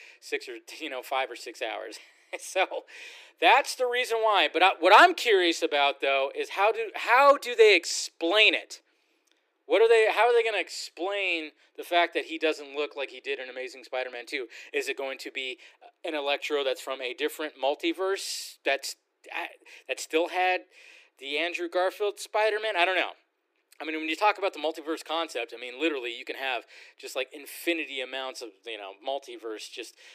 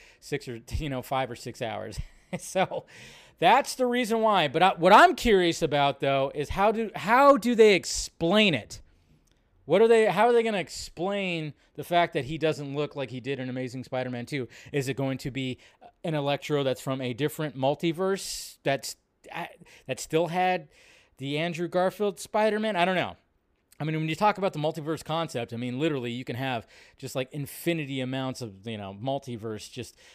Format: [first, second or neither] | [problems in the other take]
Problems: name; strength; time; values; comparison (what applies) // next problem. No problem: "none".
second | thin; very; fading below 300 Hz